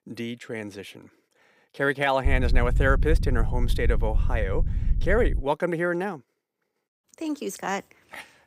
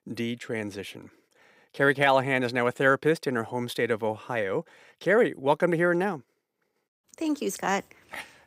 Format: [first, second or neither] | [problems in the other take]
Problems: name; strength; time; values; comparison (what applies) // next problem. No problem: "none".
second | low rumble; noticeable; from 2.5 to 5.5 s; 20 dB below the speech